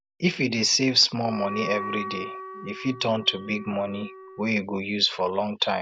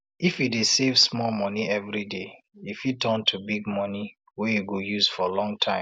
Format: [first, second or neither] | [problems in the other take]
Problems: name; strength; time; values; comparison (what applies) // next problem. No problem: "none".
second | background sound (Wind instrument, woodwind instrument); 11 dB below the speech